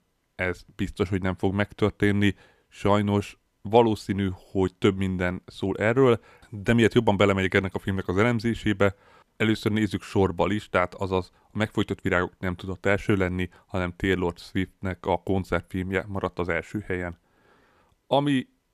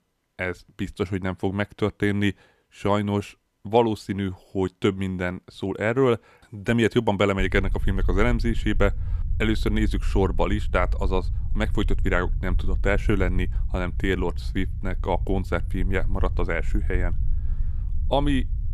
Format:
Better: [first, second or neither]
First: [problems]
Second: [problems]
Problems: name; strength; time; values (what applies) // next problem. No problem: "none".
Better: first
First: none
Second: low rumble; faint; from 7.5 s on; 20 dB below the speech